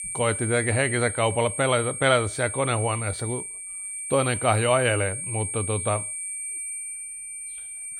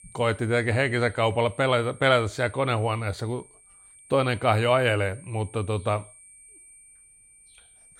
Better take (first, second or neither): second